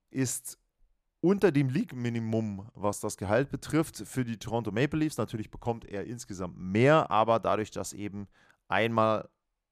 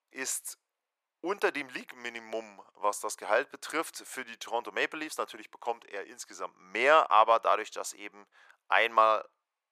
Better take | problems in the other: first | thin; very; fading below 500 Hz

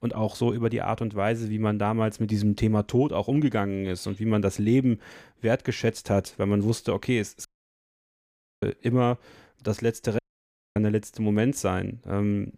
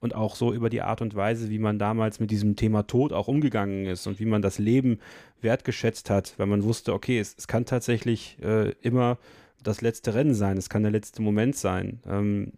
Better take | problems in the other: second | audio cutting out; at 7.5 s for 1 s and at 10 s for 0.5 s

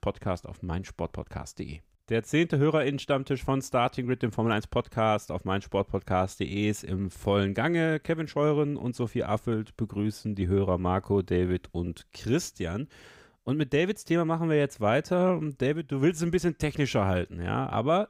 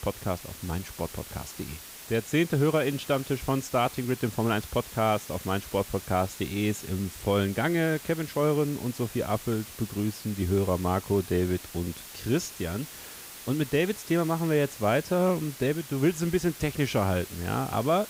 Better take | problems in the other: first | hiss; noticeable; throughout; 15 dB below the speech

